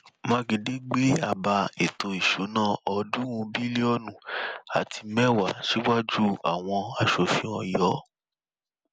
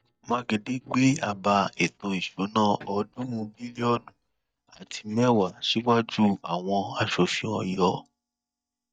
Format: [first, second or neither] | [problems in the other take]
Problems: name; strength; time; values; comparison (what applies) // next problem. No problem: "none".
first | noise reduction (neural mask model DeepFilterNet 3)